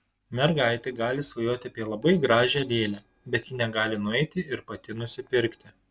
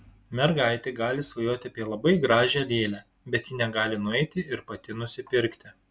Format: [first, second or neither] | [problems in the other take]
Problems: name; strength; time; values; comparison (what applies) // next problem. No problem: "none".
second | noise reduction (neural separator model SepFormer DNS4)